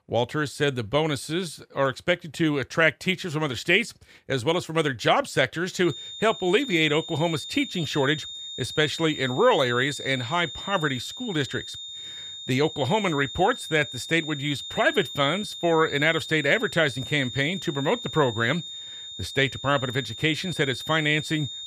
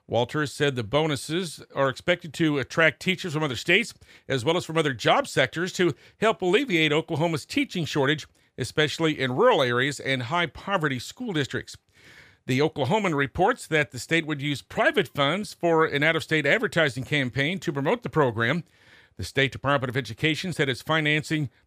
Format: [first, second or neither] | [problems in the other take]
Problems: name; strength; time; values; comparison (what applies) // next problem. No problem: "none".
second | high-pitched whine; loud; from 6 s on; 3.5 kHz, 10 dB below the speech